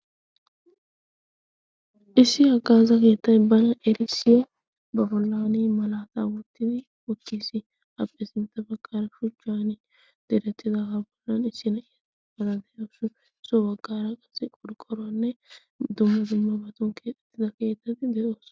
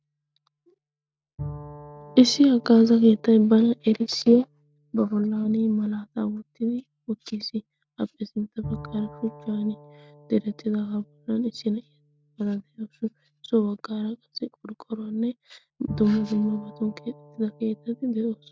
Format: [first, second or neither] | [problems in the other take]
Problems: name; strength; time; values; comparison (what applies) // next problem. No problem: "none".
first | background sound (Bowed string instrument); 20 dB below the speech